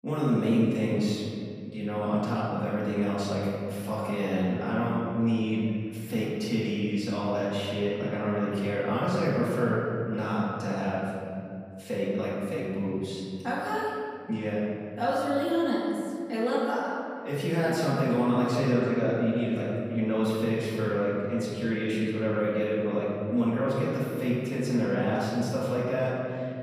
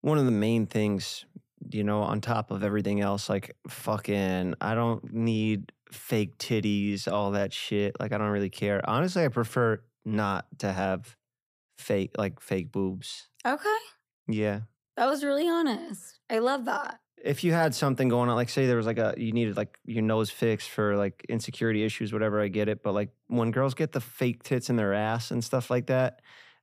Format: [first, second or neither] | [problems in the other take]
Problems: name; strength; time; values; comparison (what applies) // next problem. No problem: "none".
second | room echo; strong; dies away in 2.3 s // off-mic speech; far